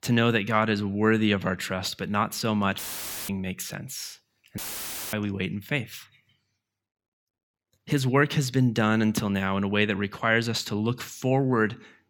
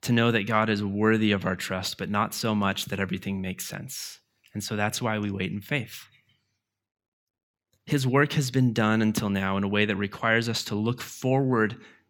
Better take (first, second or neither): second